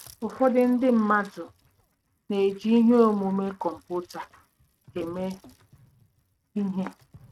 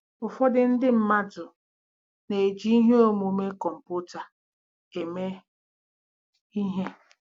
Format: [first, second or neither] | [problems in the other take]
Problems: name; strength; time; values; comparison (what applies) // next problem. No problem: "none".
second | noise reduction (neural mask model RNNoise)